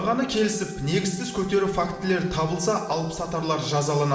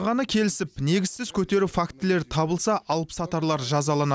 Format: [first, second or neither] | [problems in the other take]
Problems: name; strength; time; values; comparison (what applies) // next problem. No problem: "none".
second | background sound (Wind instrument, woodwind instrument); 18 dB below the speech // room echo; dies away in 1.1 s